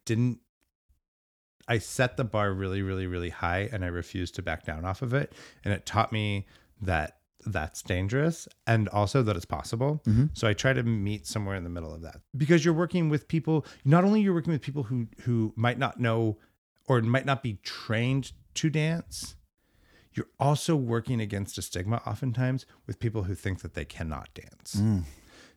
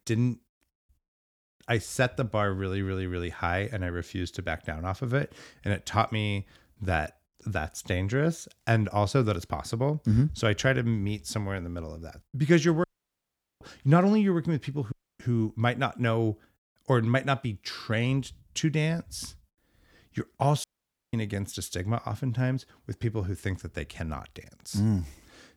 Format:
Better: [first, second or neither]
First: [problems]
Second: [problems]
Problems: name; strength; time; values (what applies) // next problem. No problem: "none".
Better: first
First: none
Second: audio cutting out; at 13 s for 1 s, at 15 s and at 21 s